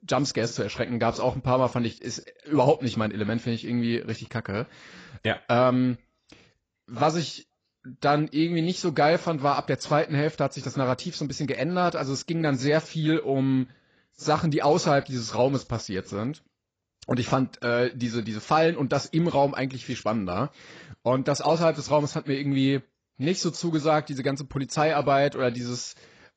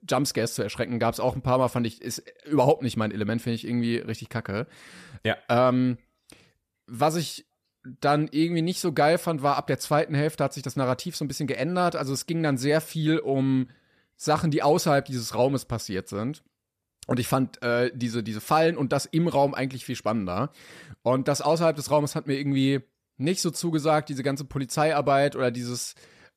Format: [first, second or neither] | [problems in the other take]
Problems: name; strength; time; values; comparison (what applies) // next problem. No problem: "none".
second | garbled, watery; badly; nothing above 7.5 kHz